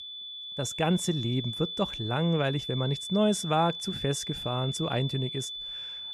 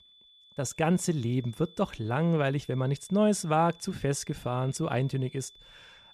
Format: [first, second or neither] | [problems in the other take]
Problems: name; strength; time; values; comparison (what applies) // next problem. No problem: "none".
second | high-pitched whine; loud; throughout; 3.5 kHz, 6 dB below the speech; faint in the second